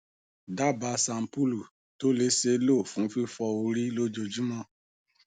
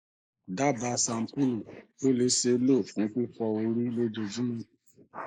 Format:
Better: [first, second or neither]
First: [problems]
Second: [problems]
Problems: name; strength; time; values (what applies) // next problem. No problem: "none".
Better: first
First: none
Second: noise reduction (neural mask model Resemble Enhance denoiser)